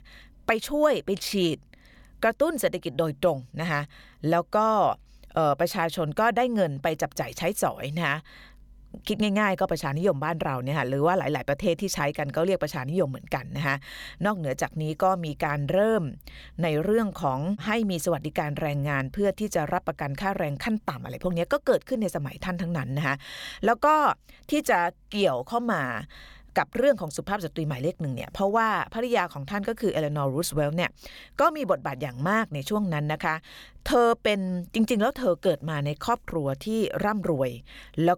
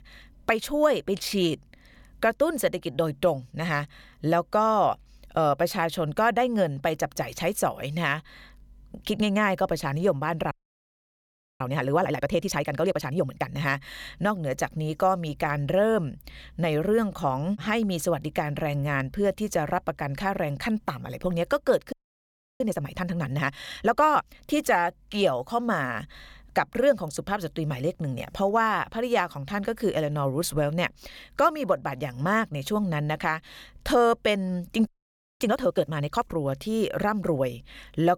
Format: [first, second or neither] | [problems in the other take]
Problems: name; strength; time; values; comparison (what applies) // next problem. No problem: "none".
first | audio freezing; at 11 s for 1 s, at 22 s for 0.5 s and at 35 s for 0.5 s